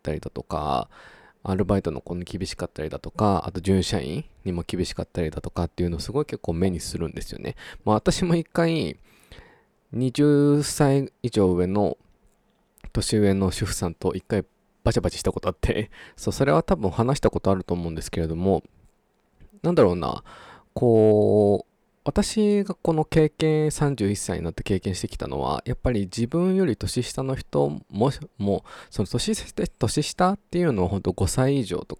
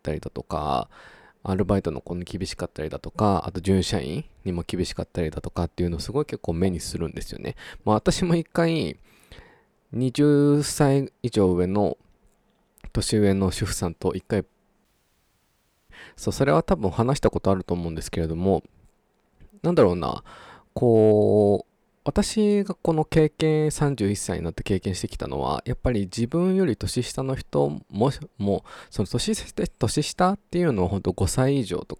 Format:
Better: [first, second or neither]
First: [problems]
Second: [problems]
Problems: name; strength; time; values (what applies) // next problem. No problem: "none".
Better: first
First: none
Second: audio cutting out; at 15 s for 1 s